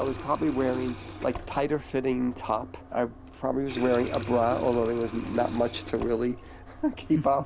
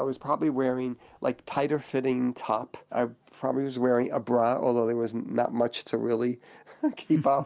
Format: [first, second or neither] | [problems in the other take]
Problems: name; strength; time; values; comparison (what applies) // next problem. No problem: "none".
second | background sound (Water tap, faucet); 12 dB below the speech